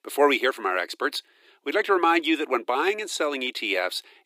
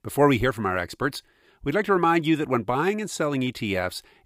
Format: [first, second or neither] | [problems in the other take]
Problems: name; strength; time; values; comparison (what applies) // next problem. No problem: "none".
second | thin; somewhat; fading below 300 Hz